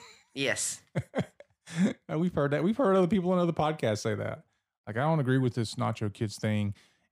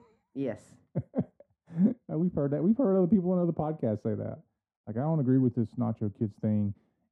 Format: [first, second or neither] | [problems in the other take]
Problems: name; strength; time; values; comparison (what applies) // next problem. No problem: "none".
first | muffled; very; fading above 1.5 kHz